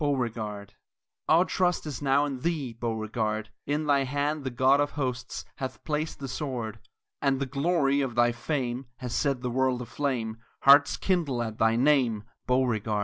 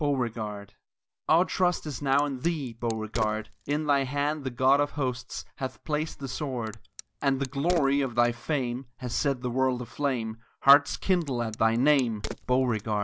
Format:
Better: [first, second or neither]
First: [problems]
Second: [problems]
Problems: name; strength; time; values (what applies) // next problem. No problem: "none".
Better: first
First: none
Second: background sound (Crack); 18 dB below the speech